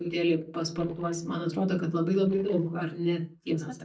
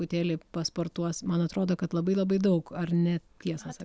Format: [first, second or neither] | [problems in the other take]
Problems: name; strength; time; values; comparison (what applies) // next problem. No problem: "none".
second | noise reduction (neural mask model DeepFilterNet 3)